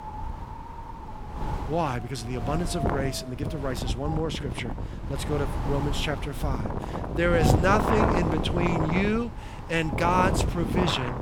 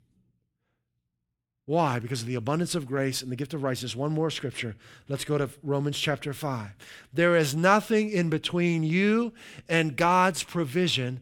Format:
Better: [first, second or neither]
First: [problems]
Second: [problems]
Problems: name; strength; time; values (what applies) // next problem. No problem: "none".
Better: second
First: wind noise on the microphone; heavy; 3 dB below the speech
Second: none